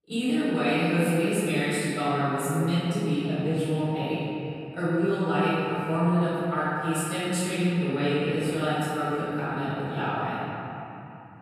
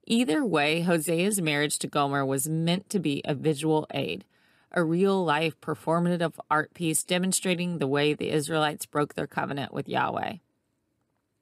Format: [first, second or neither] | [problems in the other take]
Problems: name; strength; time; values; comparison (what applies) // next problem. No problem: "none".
second | room echo; strong; dies away in 3 s // off-mic speech; far